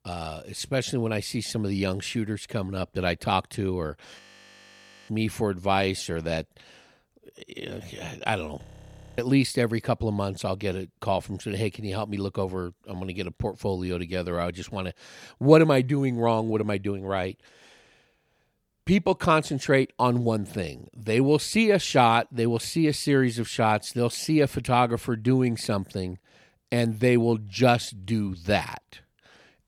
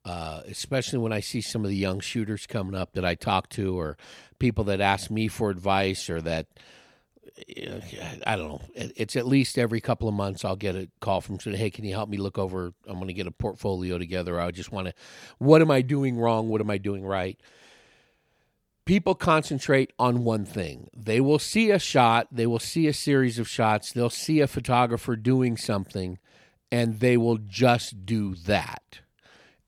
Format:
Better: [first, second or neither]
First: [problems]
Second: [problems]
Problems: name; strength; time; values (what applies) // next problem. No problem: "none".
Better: second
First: audio freezing; at 4 s for 1 s and at 8.5 s for 0.5 s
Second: none